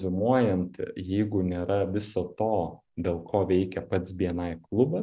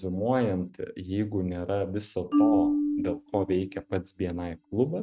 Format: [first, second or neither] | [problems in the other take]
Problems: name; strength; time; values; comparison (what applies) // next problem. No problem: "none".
first | noise reduction (neural mask model RNNoise)